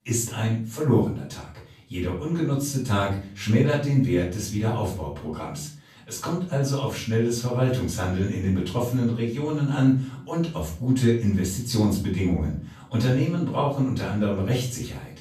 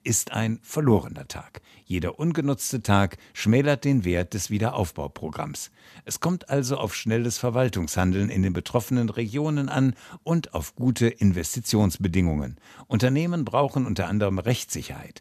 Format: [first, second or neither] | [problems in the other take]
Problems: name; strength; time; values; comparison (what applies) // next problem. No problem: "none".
second | off-mic speech; far // room echo; slight; dies away in 0.4 s